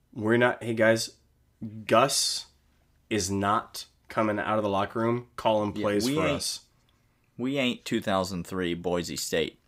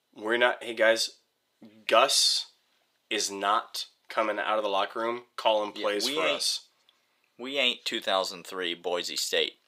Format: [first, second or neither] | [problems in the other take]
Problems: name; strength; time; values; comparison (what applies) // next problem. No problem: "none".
first | thin; somewhat; fading below 500 Hz